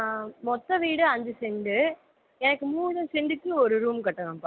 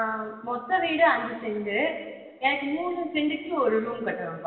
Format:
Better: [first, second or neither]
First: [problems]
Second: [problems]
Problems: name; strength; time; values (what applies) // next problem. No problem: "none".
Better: first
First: none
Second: room echo; dies away in 1.4 s